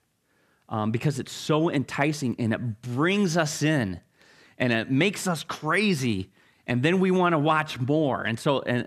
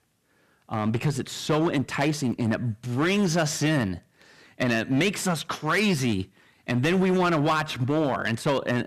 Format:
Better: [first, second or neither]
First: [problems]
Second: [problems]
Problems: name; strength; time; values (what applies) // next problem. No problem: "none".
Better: first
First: none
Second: distortion; slight; 8% of the sound clipped